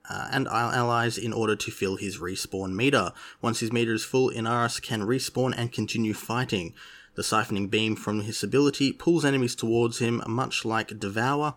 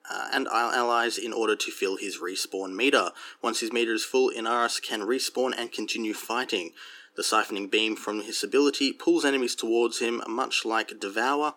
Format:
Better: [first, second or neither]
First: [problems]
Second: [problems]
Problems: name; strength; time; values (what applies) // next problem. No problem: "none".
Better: first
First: none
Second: thin; very slightly; fading below 300 Hz